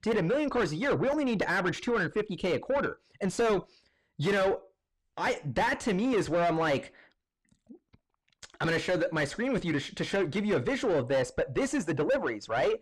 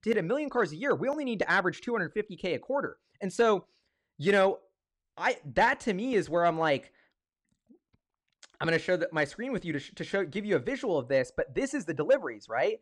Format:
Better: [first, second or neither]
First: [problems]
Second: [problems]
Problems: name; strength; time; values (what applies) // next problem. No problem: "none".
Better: second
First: distortion; heavy; 6 dB below the speech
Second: none